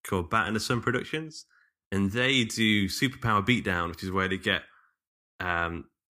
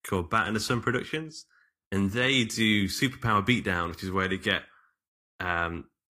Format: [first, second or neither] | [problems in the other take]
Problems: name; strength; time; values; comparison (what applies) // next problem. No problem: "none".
first | garbled, watery; slightly; nothing above 15 kHz